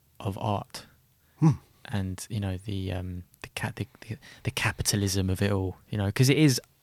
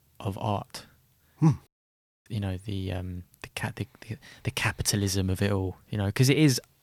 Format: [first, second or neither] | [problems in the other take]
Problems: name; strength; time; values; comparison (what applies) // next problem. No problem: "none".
first | audio cutting out; at 1.5 s for 0.5 s